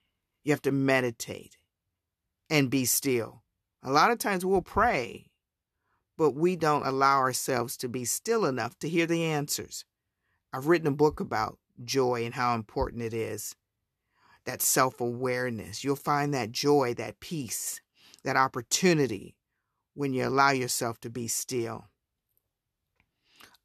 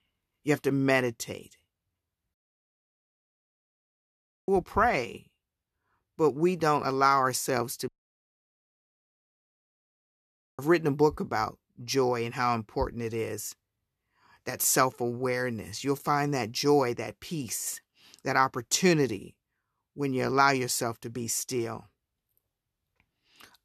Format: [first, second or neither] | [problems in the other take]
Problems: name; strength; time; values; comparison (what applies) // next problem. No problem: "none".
first | audio cutting out; at 2.5 s for 2 s and at 8 s for 2.5 s